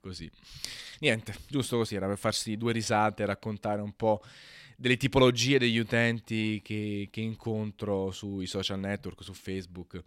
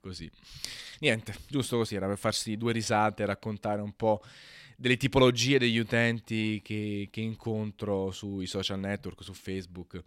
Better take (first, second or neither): neither